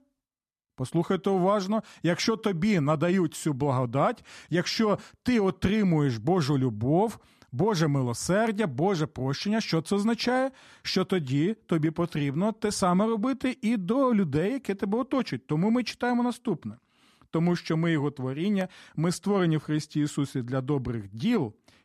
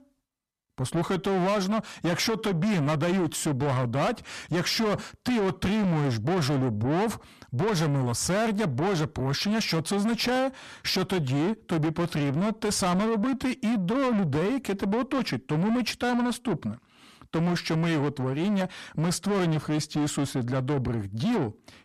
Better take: first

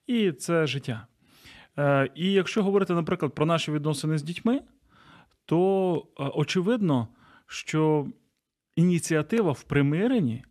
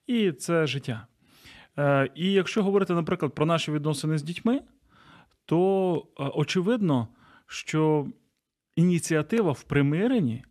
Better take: neither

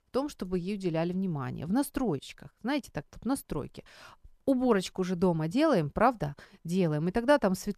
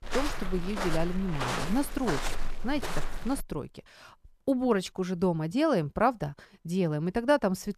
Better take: first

